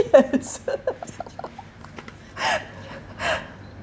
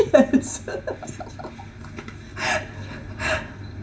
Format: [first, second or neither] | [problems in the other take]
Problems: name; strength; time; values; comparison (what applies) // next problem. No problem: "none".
first | room echo; dies away in 0.2 s